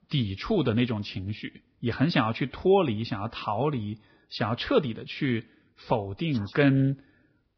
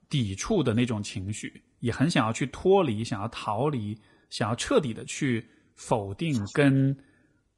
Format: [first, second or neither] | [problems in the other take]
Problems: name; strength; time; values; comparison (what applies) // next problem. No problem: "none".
second | garbled, watery; badly; nothing above 5 kHz; slightly in the second